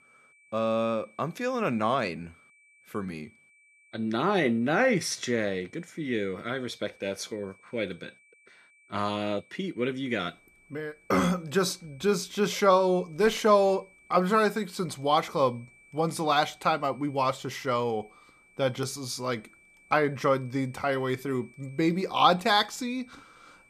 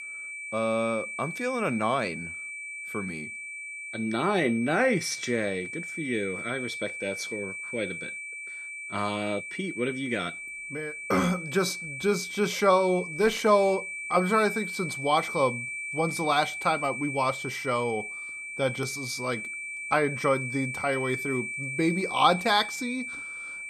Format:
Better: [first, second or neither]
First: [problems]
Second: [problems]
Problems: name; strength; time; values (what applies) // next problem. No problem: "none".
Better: first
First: high-pitched whine; faint; throughout; 2.5 kHz, 30 dB below the speech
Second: high-pitched whine; loud; throughout; 2.5 kHz, 6 dB below the speech